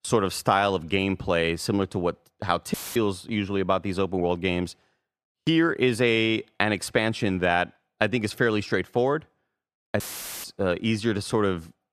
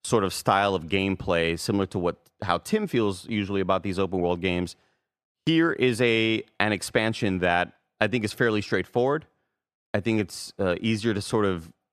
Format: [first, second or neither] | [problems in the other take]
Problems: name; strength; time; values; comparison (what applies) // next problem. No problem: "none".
second | audio cutting out; filled with static; at 2.5 s and at 10 s